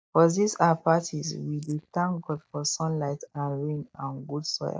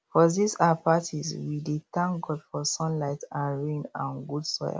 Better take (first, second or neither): second